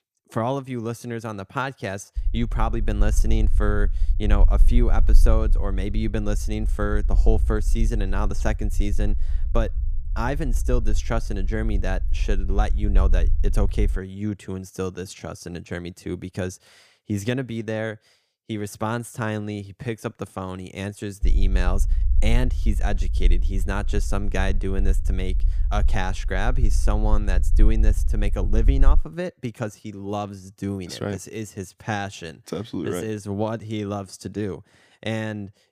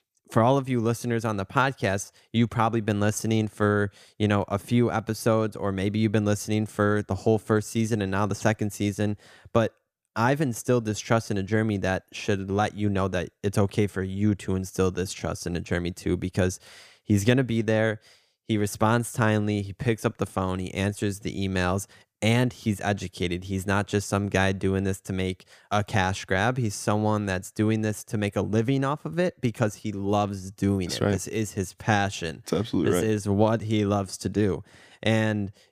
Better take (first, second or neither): second